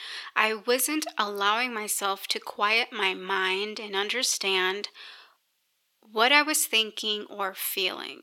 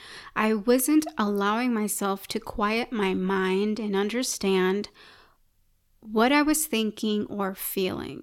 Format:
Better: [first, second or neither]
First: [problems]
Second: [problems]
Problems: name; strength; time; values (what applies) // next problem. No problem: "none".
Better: second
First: thin; very; fading below 500 Hz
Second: none